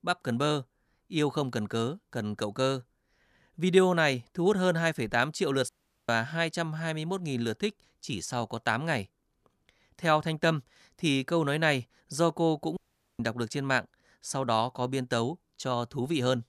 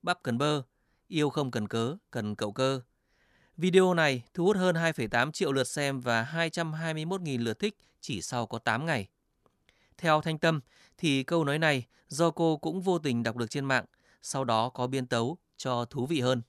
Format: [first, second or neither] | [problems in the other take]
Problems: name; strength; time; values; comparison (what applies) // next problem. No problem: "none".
second | audio cutting out; at 5.5 s and at 13 s